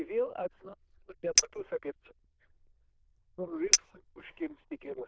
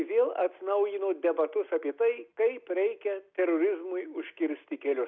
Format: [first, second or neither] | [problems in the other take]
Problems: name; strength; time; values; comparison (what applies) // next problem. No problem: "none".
second | noise reduction (neural diffusion model UNIVERSE++)